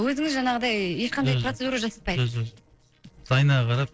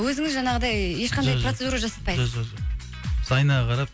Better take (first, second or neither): second